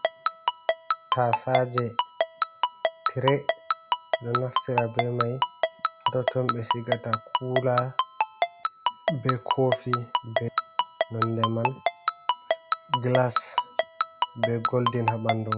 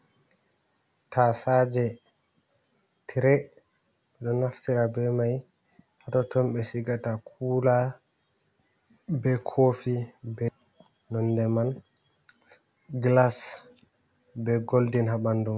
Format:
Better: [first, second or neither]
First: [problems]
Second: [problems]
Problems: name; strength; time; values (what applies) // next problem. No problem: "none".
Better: second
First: background sound (Ringtone); 1 dB above the speech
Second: none